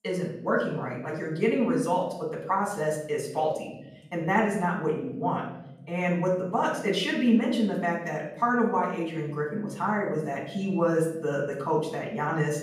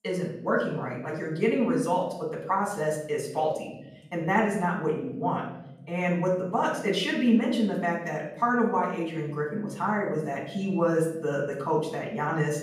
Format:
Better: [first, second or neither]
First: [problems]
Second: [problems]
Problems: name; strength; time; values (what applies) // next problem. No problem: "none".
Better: neither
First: off-mic speech; far // room echo; noticeable; dies away in 1 s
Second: off-mic speech; far // room echo; noticeable; dies away in 1 s